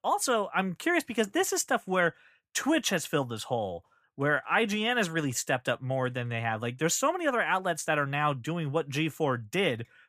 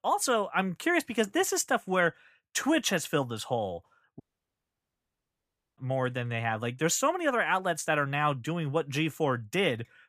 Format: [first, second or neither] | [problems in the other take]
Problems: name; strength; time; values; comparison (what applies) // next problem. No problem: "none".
first | audio cutting out; at 4 s for 1.5 s